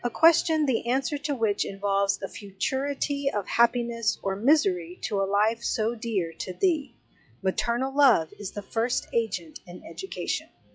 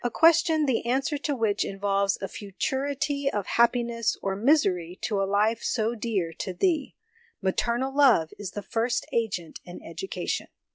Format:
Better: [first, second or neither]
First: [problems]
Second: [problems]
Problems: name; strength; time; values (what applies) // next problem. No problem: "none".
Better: second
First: noise reduction (classical method log-MMSE)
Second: none